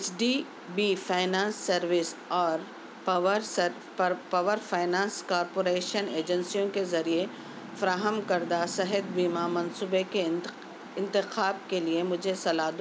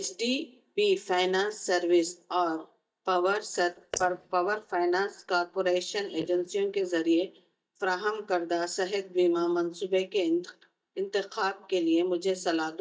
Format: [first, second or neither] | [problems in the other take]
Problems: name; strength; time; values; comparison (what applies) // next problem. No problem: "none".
first | noise reduction (neural mask model DeepFilterNet 3)